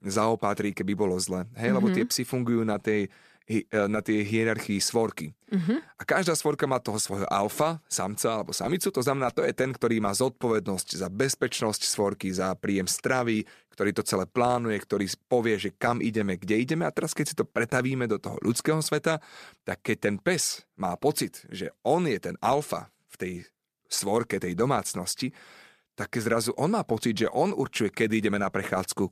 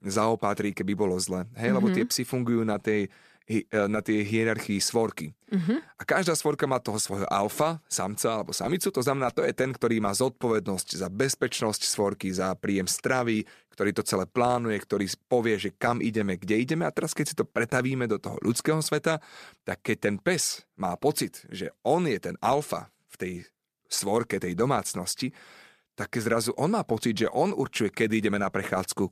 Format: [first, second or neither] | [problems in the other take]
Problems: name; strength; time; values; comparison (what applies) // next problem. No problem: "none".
neither | none